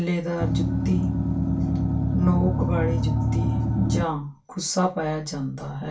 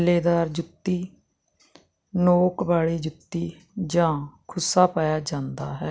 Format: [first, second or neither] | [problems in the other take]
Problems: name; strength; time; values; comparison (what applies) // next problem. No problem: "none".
second | background sound (Engine); 4 dB above the speech // room echo; dies away in 0.2 s